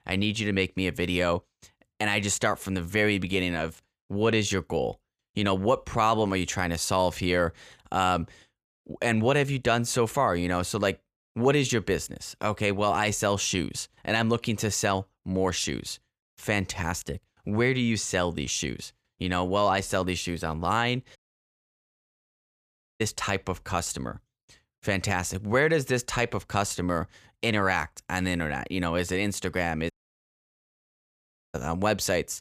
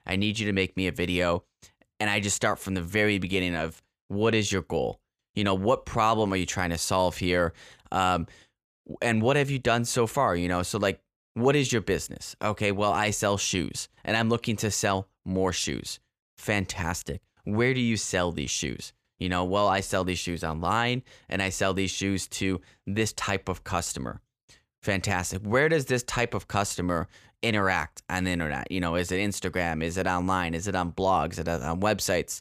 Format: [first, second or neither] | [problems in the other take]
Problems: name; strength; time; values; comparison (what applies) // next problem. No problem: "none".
second | audio cutting out; at 21 s for 2 s and at 30 s for 1.5 s